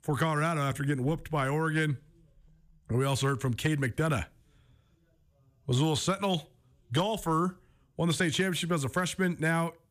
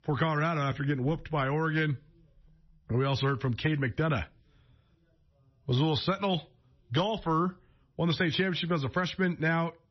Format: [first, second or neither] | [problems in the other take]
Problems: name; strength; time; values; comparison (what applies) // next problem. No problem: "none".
first | garbled, watery; slightly; nothing above 6 kHz